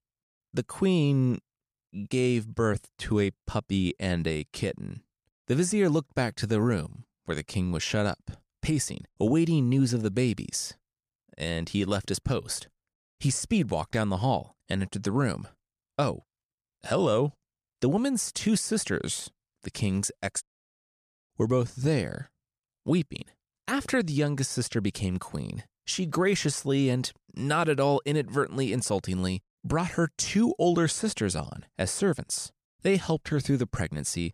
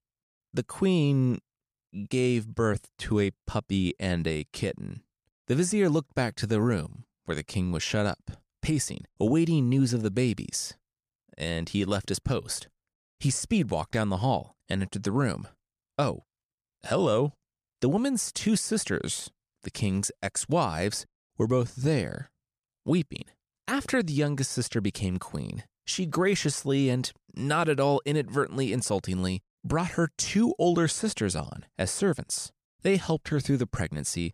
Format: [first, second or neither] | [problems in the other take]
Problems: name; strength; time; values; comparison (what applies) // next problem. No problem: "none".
second | audio cutting out; at 20 s for 0.5 s